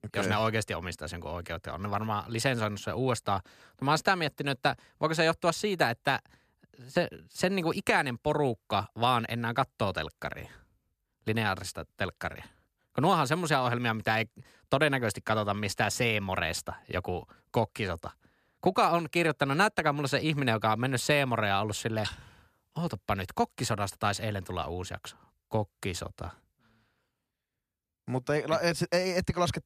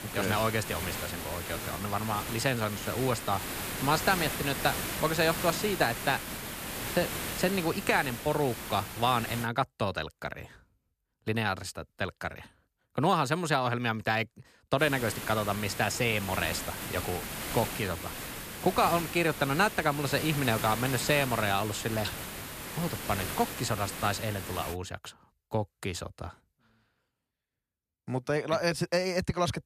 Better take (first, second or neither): first